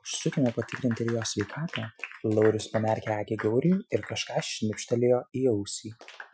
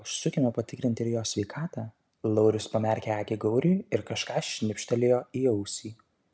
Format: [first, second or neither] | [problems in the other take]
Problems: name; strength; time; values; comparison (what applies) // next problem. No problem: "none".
second | noise reduction (classical method Wiener filter)